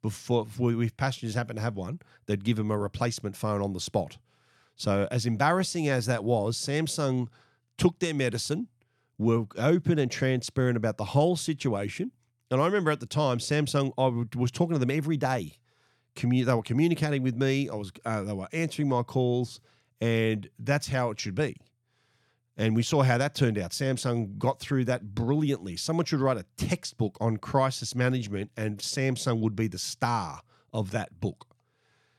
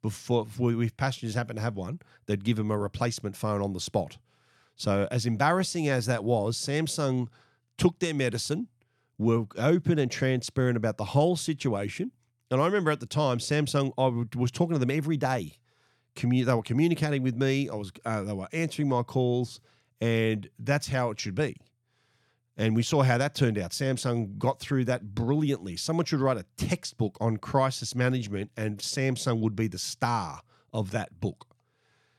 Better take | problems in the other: neither | none

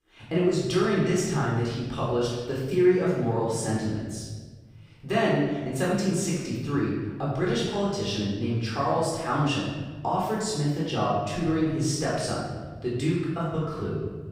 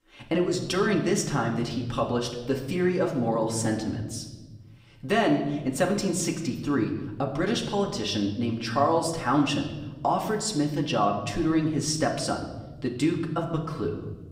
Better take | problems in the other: second | room echo; strong; dies away in 1.4 s; slight in the second // off-mic speech; far; somewhat distant in the second

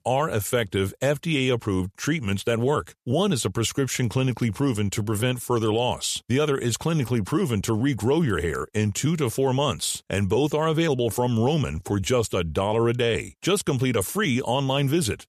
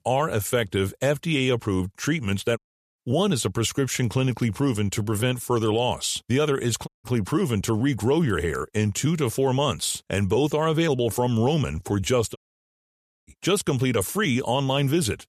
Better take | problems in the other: first | audio cutting out; at 2.5 s, at 7 s and at 12 s for 1 s

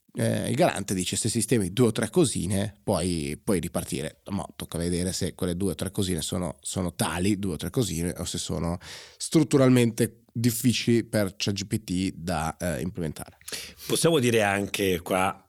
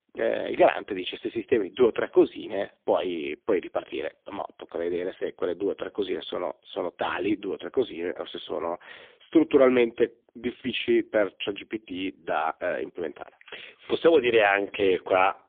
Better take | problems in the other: first | phone-call audio; poor line; nothing above 3.5 kHz

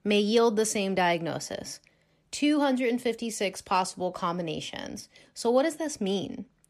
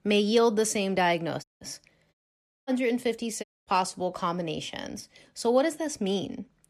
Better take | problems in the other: first | audio cutting out; at 1.5 s, at 2 s for 0.5 s and at 3.5 s

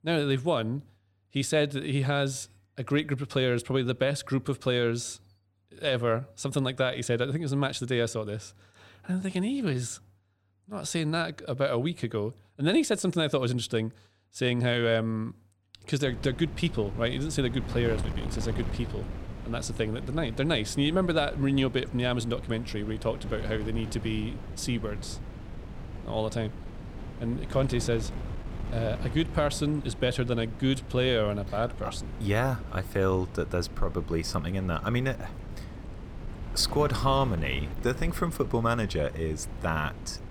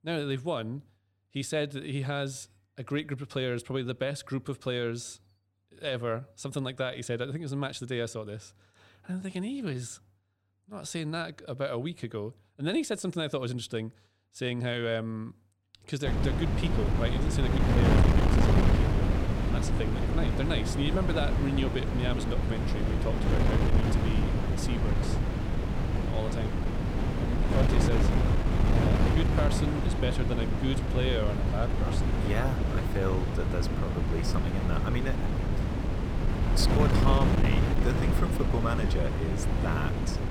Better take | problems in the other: first | wind noise on the microphone; heavy; from 16 s on; as loud as the speech; occasional gusts in the first

